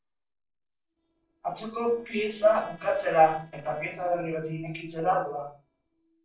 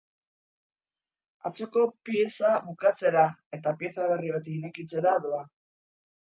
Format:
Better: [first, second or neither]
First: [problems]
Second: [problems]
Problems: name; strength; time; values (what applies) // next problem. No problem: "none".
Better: second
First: noise reduction (neural separator model SepFormer DNS4)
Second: none